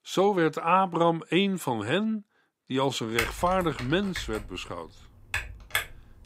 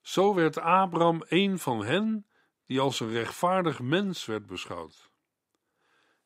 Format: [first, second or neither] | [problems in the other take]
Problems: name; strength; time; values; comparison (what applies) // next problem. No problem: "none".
second | keyboard typing; noticeable; from 3 s on; peak 4 dB below the speech